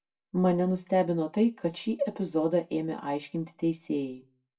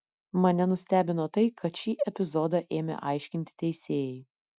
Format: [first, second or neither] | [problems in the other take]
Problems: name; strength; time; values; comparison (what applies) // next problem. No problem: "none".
second | room echo; dies away in 0.2 s